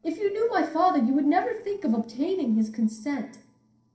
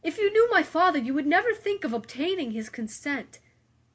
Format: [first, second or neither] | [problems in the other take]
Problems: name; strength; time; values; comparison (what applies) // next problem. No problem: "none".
second | noise reduction (neural separator model SepFormer DNS4)